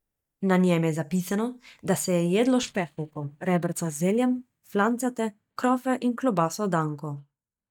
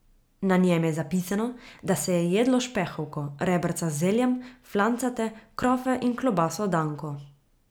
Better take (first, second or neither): second